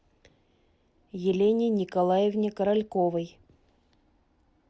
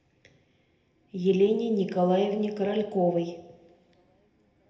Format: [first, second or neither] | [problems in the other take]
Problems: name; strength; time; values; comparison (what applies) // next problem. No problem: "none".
first | room echo; dies away in 0.8 s